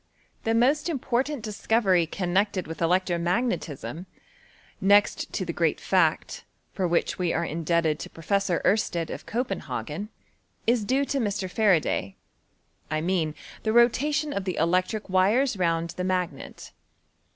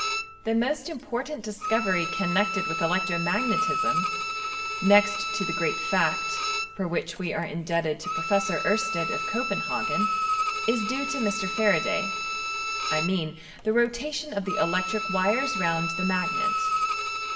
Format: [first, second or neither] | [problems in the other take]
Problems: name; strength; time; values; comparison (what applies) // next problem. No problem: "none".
first | background sound (Bowed string instrument); 1 dB below the speech // room echo; dies away in 2 s